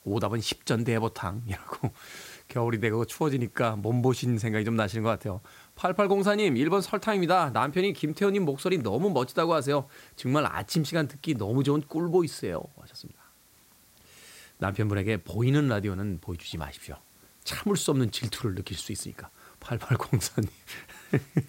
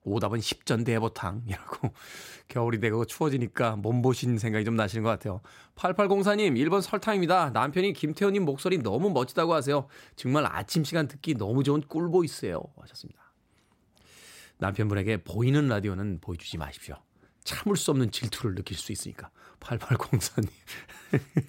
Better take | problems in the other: second | hiss; faint; throughout; 30 dB below the speech

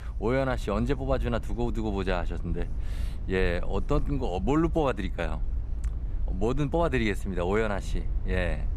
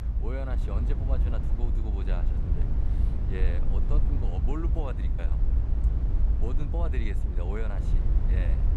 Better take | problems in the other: first | low rumble; loud; throughout; 3 dB below the speech; faint in the first

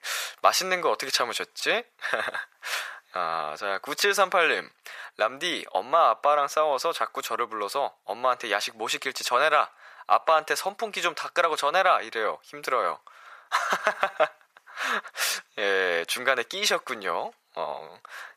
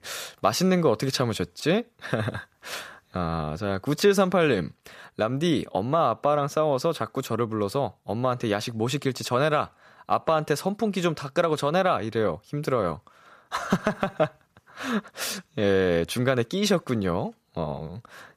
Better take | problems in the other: second | thin; very; fading below 850 Hz

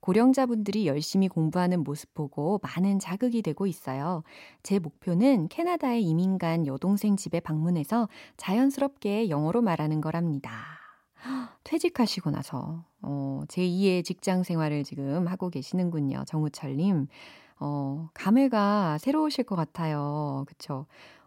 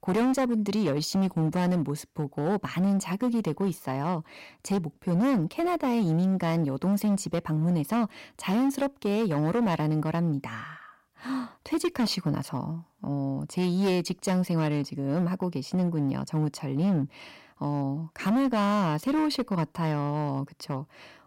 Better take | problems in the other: first | distortion; slight; 12% of the sound clipped

